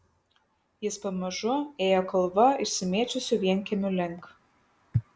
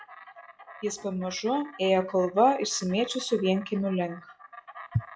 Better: first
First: none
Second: noise reduction (classical method log-MMSE)

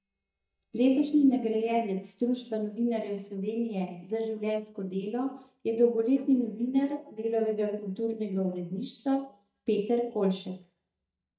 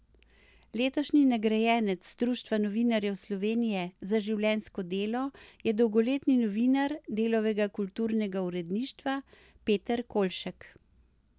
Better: second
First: noise reduction (neural mask model DeepFilterNet 3)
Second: none

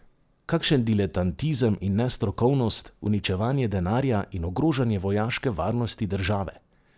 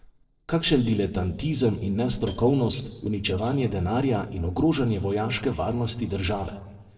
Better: first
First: none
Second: noise reduction (neural separator model SepFormer DNS4)

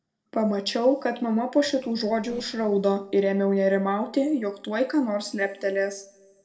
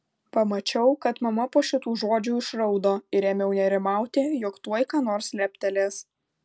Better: second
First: noise reduction (neural separator model SepFormer DNS4)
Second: none

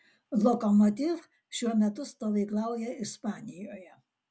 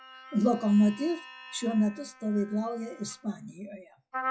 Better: first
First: none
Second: noise reduction (classical method log-MMSE)

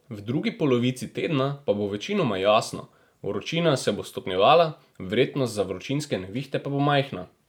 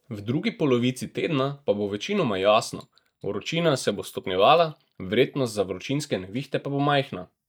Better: first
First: none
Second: noise reduction (neural mask model DeepFilterNet 3)

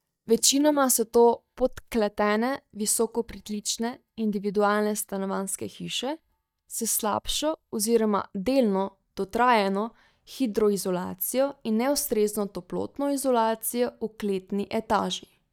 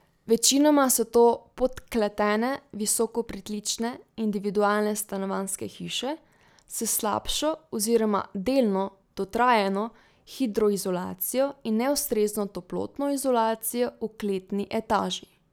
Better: second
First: noise reduction (neural mask model DeepFilterNet 3)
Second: none

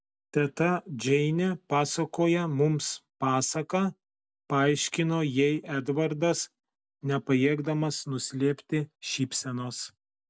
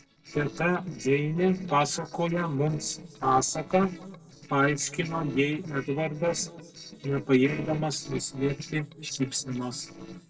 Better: first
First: none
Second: noise reduction (neural separator model SepFormer DNS4)

